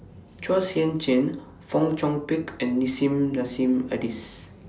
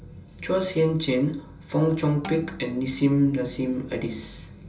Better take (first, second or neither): first